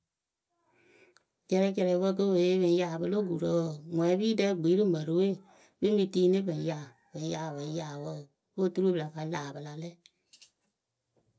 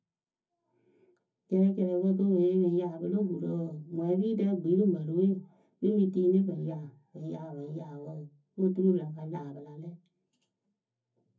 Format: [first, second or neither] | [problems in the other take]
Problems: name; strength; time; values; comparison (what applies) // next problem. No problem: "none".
first | room echo; dies away in 0.3 s